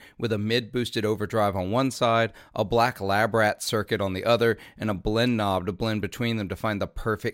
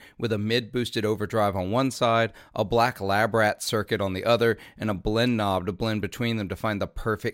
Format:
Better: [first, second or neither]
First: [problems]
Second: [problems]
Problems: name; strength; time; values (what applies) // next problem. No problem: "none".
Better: neither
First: none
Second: none